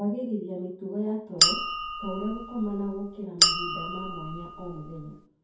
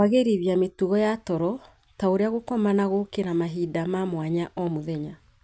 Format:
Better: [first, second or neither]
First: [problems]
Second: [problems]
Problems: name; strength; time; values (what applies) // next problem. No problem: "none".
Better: second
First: background sound (Chink, clink); 5 dB above the speech // room echo; dies away in 0.6 s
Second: none